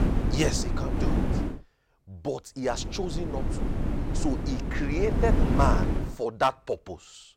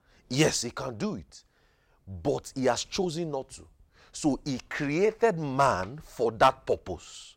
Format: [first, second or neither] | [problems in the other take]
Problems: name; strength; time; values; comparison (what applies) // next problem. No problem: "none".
second | wind noise on the microphone; heavy; until 1.5 s and from 2.5 to 6 s; 5 dB below the speech